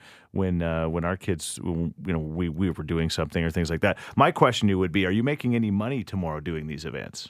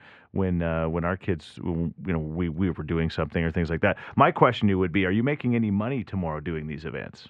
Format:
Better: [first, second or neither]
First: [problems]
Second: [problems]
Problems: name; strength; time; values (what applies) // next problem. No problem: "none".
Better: first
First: none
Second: muffled; slightly; fading above 2 kHz